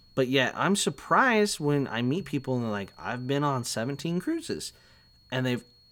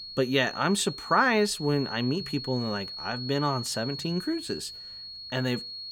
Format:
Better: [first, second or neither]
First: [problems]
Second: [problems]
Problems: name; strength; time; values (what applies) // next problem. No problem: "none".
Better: first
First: high-pitched whine; faint; throughout; 4.5 kHz, 30 dB below the speech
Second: high-pitched whine; loud; throughout; 4.5 kHz, 9 dB below the speech